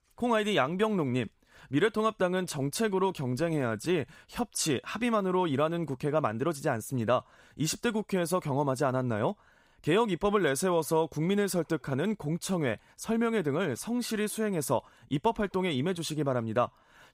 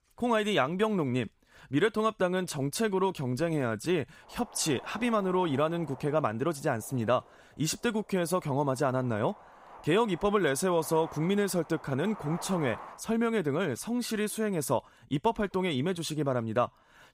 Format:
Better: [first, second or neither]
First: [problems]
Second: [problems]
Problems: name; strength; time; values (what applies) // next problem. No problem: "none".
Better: first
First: none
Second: wind noise on the microphone; occasional gusts; from 4.5 to 13 s; 15 dB below the speech